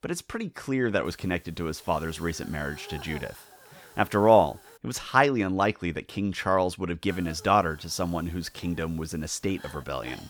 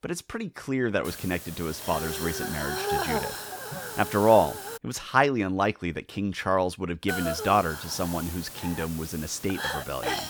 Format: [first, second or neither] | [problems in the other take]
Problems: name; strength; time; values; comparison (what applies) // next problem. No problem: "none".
first | hiss; loud; from 1 to 5 s and from 7 s on; 6 dB below the speech; faint in the first